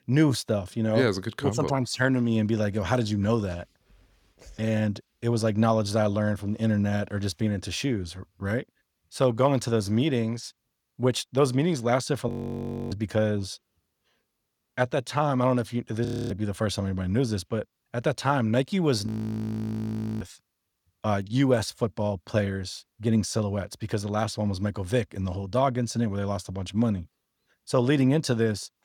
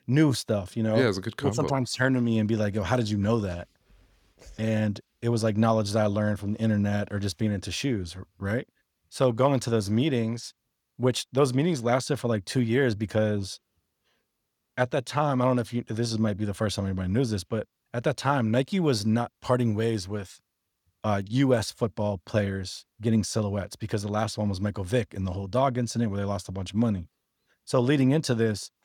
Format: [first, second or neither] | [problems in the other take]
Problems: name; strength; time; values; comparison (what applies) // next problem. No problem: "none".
second | audio freezing; at 12 s for 0.5 s, at 16 s and at 19 s for 1 s